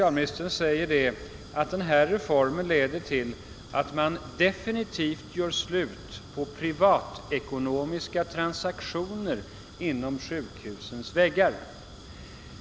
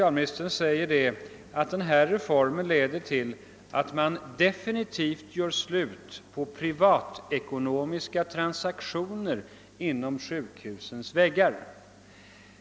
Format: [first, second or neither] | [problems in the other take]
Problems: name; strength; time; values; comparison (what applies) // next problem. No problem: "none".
second | background sound (Fire); 17 dB below the speech